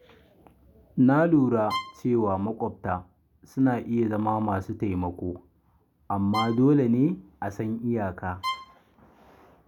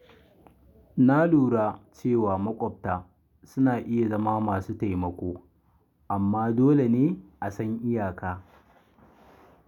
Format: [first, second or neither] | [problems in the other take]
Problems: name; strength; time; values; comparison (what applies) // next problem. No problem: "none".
second | background sound (Bowed string instrument); 11 dB below the speech